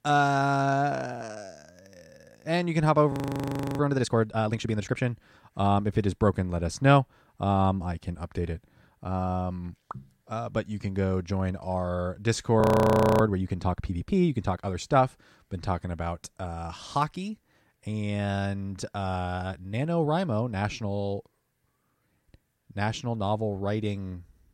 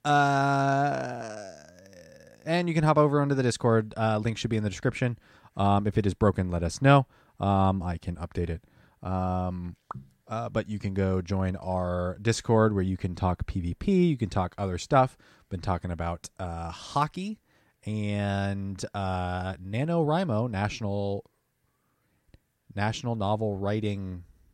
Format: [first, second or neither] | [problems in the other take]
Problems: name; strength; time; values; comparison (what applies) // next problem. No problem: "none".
second | audio freezing; at 3 s for 0.5 s and at 13 s for 0.5 s